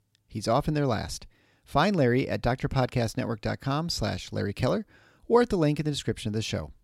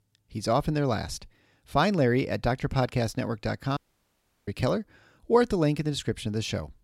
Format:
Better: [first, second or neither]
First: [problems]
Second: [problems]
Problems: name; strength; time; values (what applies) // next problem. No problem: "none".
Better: first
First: none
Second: audio cutting out; at 4 s for 0.5 s